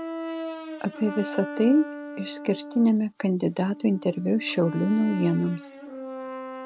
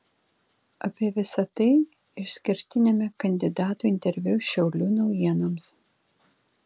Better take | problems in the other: second | background sound (Brass instrument); 11 dB below the speech

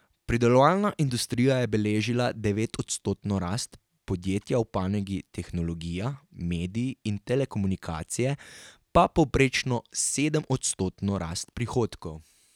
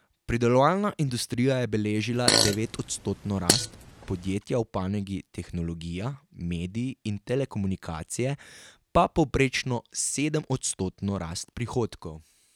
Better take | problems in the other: first | background sound (Fart); as loud as the speech

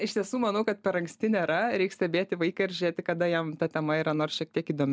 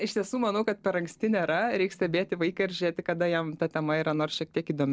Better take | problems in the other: first | noise reduction (neural separator model SepFormer DNS4)

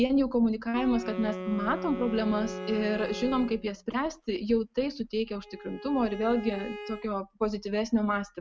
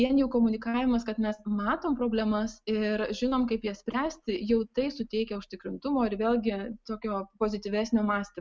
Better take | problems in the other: second | background sound (Wind instrument, woodwind instrument + Bowed string instrument); 11 dB below the speech

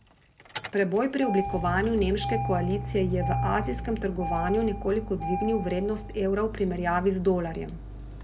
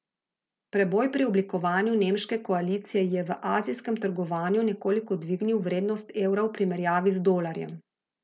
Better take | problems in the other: second | background sound (Engine starting); 6 dB below the speech

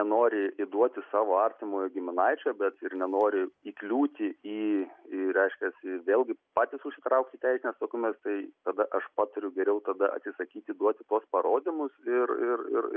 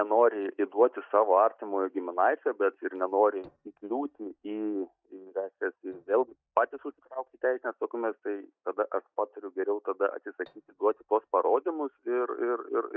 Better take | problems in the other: first | noise reduction (neural mask model DeepFilterNet 3)

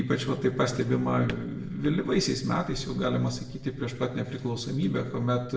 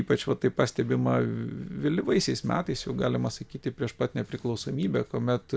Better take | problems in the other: second | background sound (Drawer open or close); 19 dB below the speech // room echo; dies away in 0.7 s

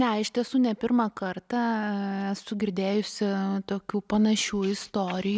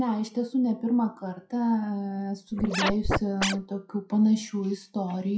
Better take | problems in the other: first | noise reduction (classical method WPE with log-MMSE)

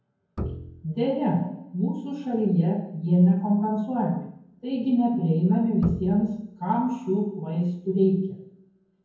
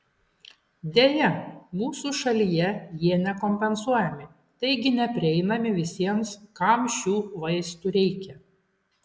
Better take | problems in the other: second | background sound (Bowed string instrument); 12 dB below the speech // room echo; dies away in 0.9 s

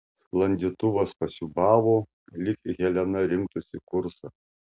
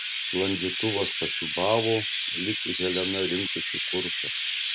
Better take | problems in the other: first | background sound (Chirp, tweet); as loud as the speech

